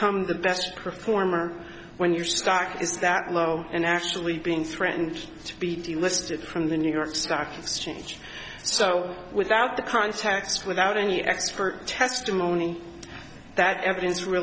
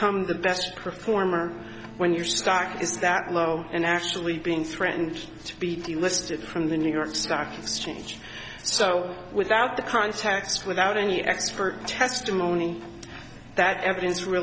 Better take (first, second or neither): first